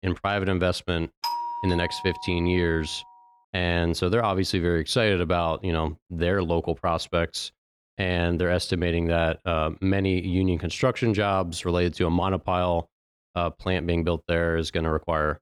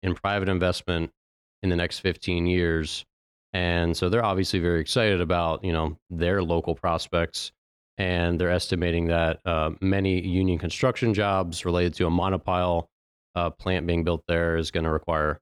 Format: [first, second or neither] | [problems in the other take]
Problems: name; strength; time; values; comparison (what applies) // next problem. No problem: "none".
second | doorbell; noticeable; from 1 to 3 s; peak 4 dB below the speech